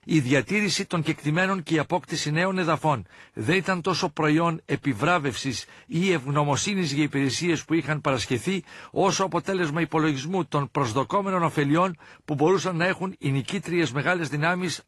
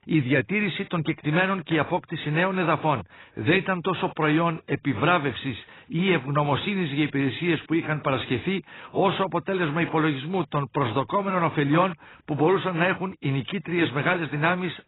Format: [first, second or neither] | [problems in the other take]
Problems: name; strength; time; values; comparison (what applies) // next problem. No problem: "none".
first | garbled, watery; badly; nothing above 4 kHz; slightly in the first